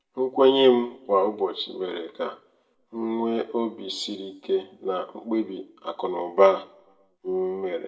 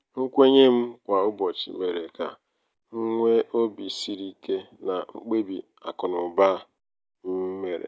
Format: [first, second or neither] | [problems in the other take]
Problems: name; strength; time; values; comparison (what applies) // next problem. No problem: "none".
second | room echo; dies away in 0.4 s